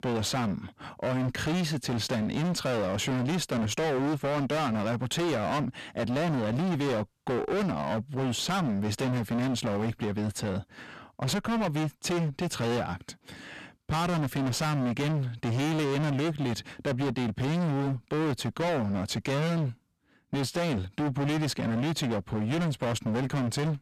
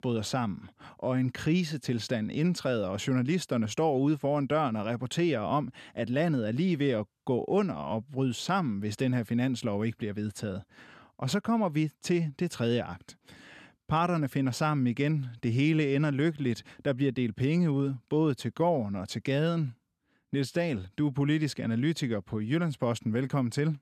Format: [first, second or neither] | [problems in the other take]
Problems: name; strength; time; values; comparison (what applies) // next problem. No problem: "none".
second | distortion; heavy; 39% of the sound clipped